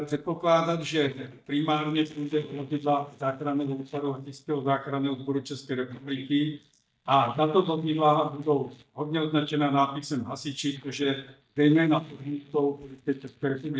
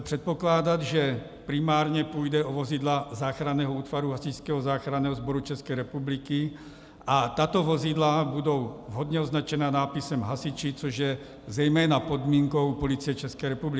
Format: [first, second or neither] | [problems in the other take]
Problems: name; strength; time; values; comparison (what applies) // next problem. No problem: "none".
second | noise reduction (neural mask model DeepFilterNet 3)